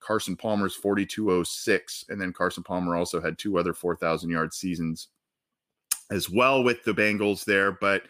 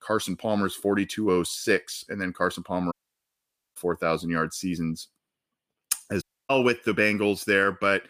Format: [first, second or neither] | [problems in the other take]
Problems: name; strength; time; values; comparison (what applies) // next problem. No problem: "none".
first | audio cutting out; at 3 s for 1 s and at 6 s